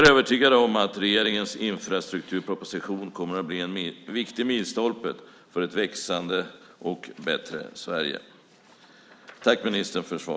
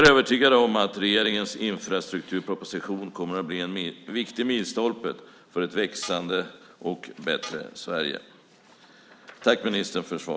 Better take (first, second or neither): first